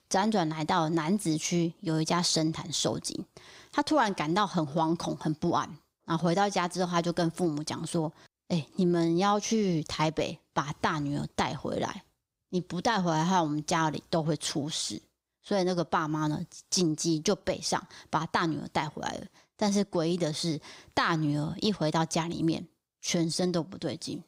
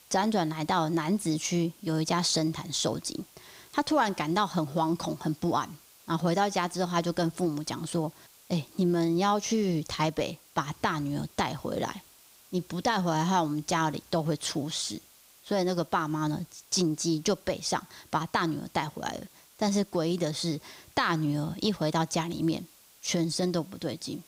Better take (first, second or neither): first